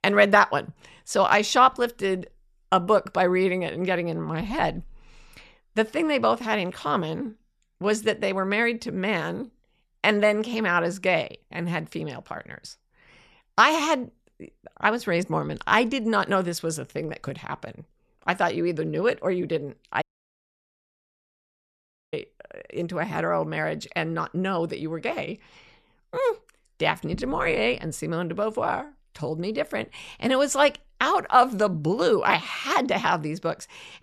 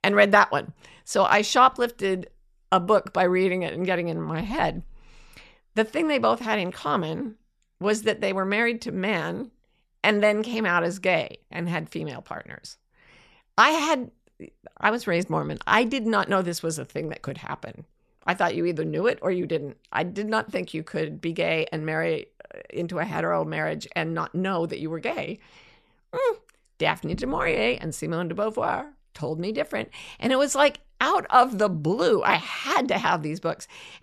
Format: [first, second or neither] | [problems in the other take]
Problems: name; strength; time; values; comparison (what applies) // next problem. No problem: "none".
second | audio cutting out; at 20 s for 2 s